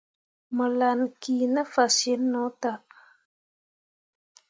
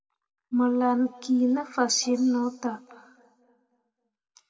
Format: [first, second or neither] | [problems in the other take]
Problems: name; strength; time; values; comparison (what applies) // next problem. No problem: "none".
first | room echo; dies away in 1.6 s